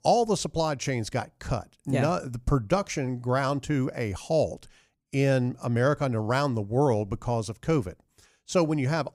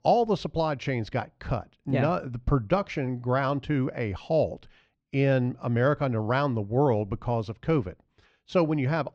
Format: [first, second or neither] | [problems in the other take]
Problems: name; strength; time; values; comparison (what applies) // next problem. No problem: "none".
first | muffled; slightly; fading above 4 kHz